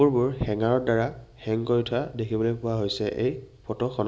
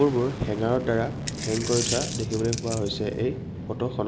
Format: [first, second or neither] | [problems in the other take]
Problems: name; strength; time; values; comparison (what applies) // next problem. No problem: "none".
first | background sound (Coin (dropping) + Fixed-wing aircraft, airplane); 6 dB below the speech